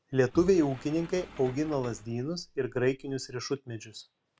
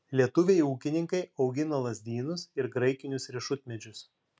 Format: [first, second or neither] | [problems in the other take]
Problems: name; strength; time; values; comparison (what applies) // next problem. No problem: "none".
second | background sound (Sliding door); 19 dB below the speech